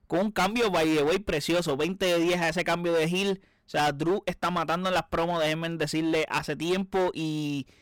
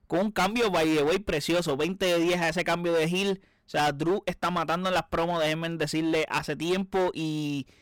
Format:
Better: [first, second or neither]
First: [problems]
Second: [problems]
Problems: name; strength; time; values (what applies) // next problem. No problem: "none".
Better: neither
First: distortion; heavy; 17% of the sound clipped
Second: distortion; heavy; 17% of the sound clipped